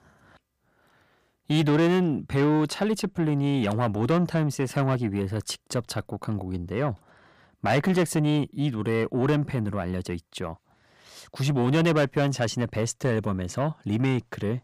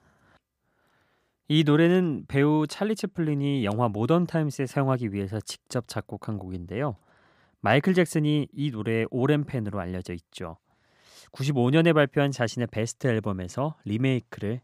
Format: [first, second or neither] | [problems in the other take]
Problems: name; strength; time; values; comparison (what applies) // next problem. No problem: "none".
second | distortion; slight; 9 dB below the speech